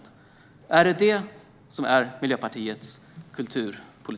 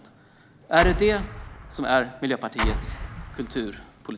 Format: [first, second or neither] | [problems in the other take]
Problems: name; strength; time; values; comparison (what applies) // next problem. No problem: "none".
first | background sound (Explosion); 4 dB below the speech